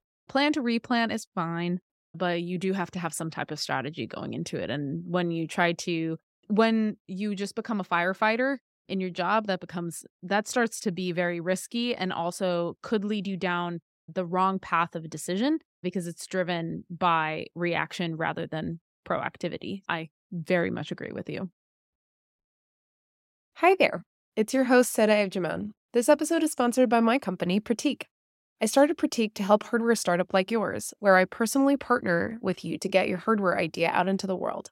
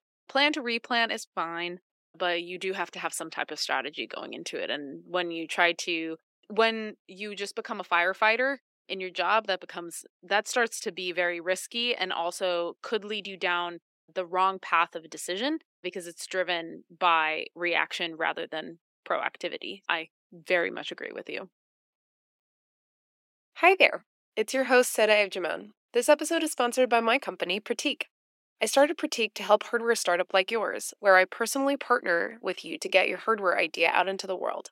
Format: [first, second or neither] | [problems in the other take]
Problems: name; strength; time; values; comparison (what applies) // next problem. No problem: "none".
first | thin; somewhat; fading below 350 Hz